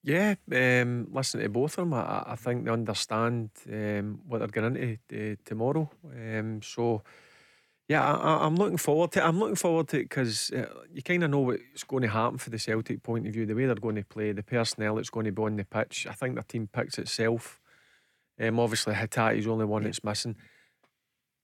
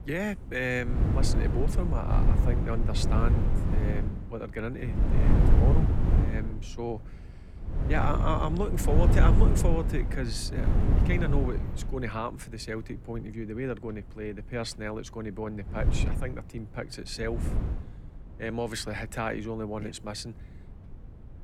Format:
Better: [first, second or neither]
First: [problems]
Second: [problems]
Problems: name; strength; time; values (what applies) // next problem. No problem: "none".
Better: first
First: none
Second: wind noise on the microphone; heavy; 4 dB below the speech